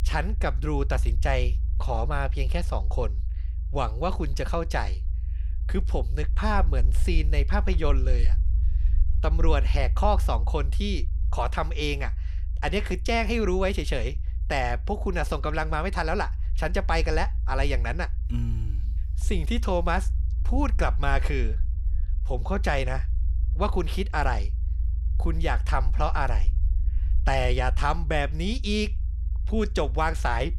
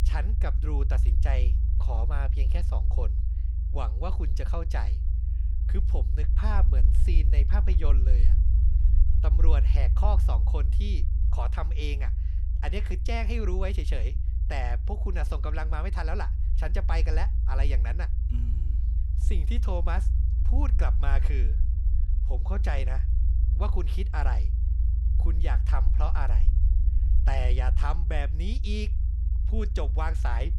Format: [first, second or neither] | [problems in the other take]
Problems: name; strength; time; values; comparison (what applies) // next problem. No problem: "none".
first | low rumble; loud; throughout; 9 dB below the speech; faint in the first